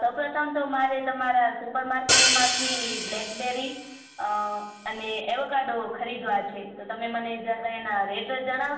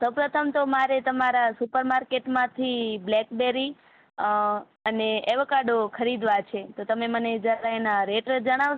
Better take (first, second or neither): second